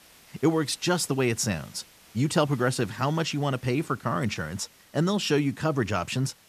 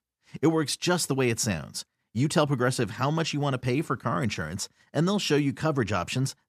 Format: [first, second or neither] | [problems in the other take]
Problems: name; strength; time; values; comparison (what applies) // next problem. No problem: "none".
second | hiss; faint; throughout; 25 dB below the speech